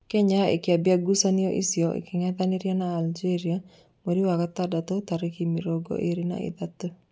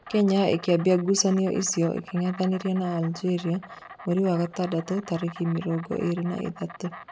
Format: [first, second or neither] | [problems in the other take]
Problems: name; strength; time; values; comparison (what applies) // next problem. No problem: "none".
first | background sound (Insect); 18 dB below the speech